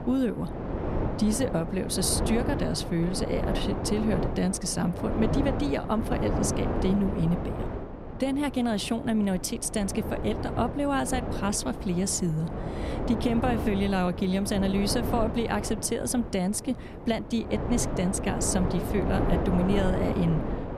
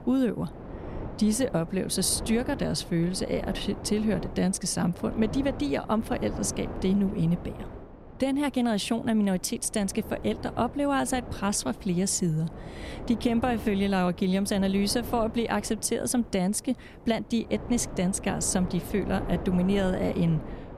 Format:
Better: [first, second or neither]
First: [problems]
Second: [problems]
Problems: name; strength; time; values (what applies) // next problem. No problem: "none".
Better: second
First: wind noise on the microphone; heavy; 4 dB below the speech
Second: wind noise on the microphone; occasional gusts; 15 dB below the speech